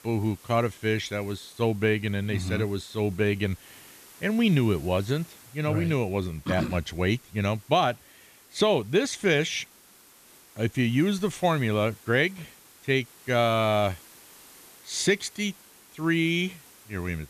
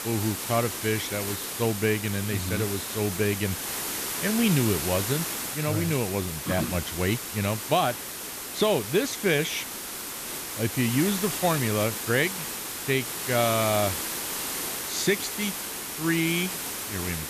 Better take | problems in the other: first | hiss; loud; throughout; 4 dB below the speech; faint in the first

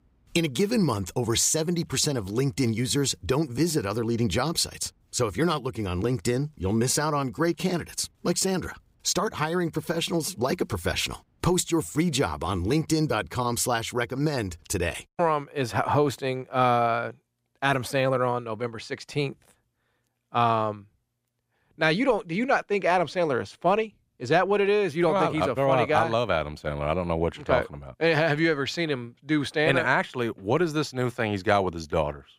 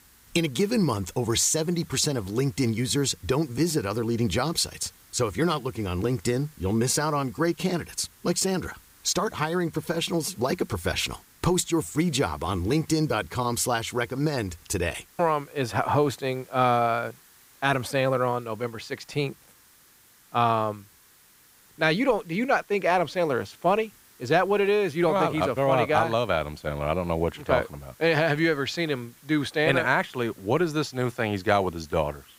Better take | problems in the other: first | hiss; faint; throughout; 25 dB below the speech

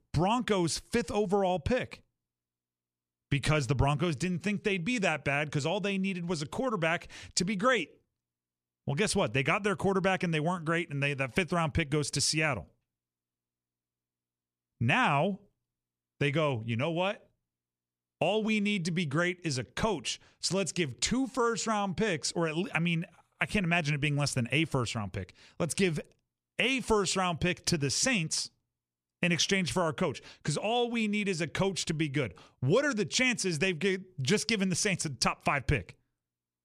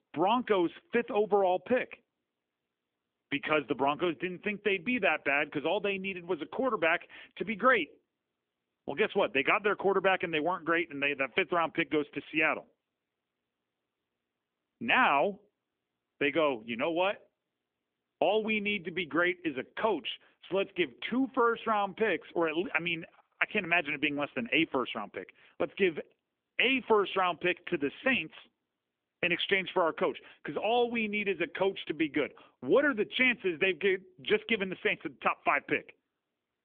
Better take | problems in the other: first | phone-call audio; nothing above 3.5 kHz

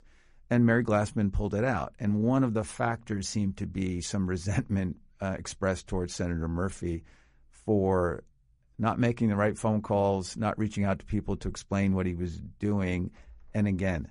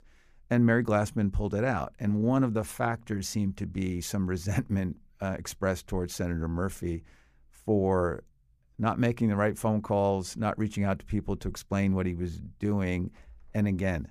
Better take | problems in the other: second | garbled, watery; slightly; nothing above 10.5 kHz

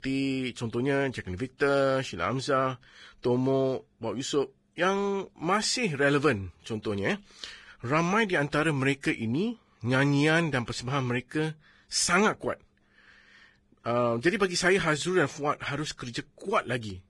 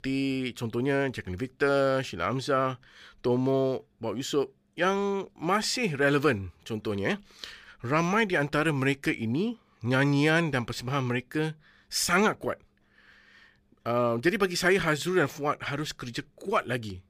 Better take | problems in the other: second | garbled, watery; badly; nothing above 10.5 kHz

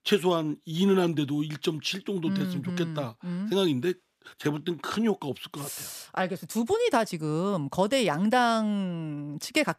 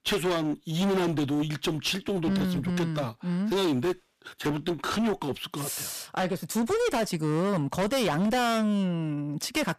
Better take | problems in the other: first | distortion; heavy; 22% of the sound clipped

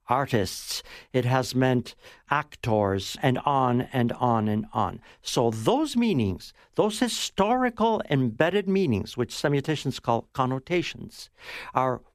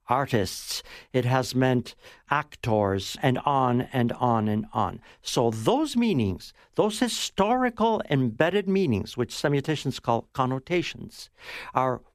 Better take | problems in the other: neither | none

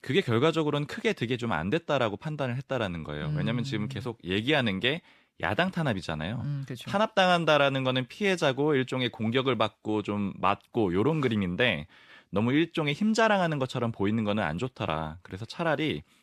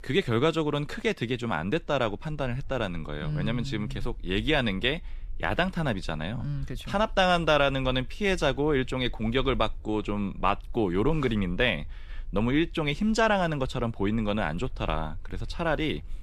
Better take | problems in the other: first | animal sounds; noticeable; throughout; 15 dB below the speech

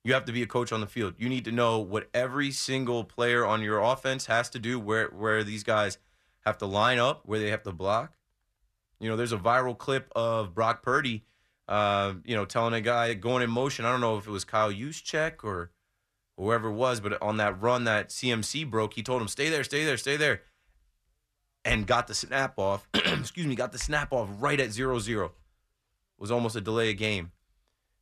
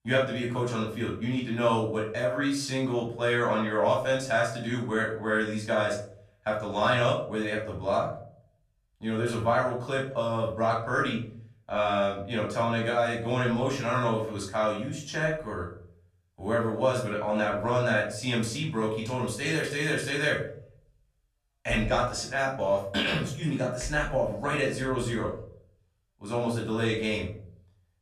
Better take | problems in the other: first | off-mic speech; far // room echo; noticeable; dies away in 0.5 s

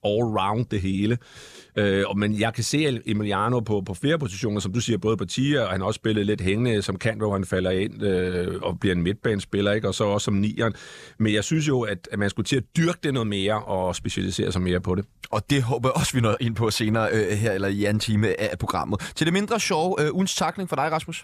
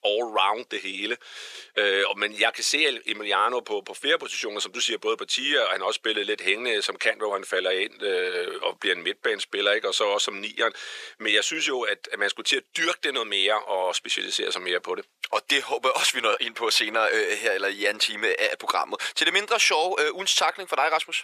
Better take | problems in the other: first | thin; very; fading below 400 Hz

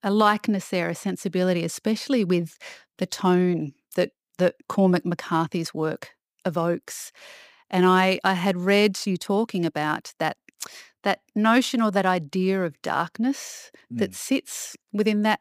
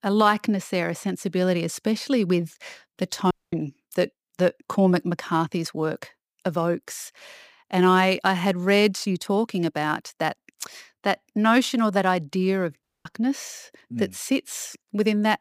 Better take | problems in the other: first | audio cutting out; at 3.5 s and at 13 s

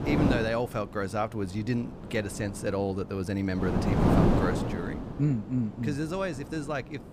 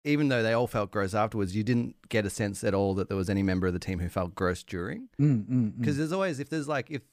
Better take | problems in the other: second | wind noise on the microphone; heavy; as loud as the speech

